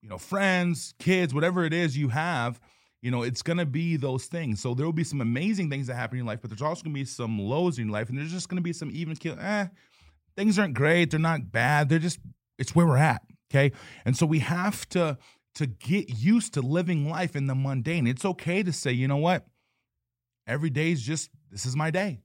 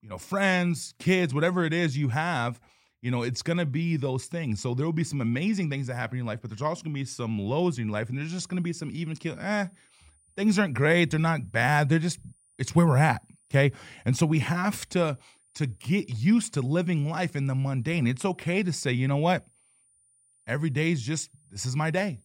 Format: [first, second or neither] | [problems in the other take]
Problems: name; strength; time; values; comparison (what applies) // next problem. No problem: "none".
first | high-pitched whine; faint; from 8.5 s on; 9.5 kHz, 35 dB below the speech